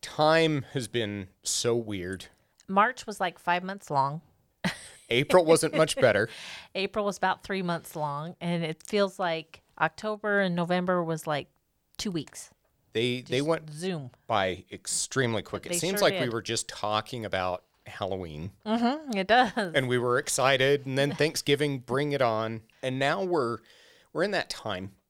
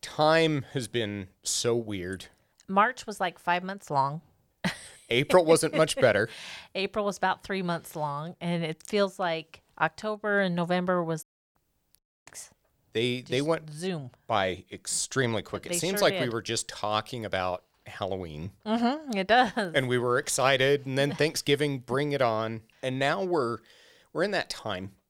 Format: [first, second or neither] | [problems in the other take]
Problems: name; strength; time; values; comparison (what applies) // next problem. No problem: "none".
first | audio cutting out; at 11 s and at 12 s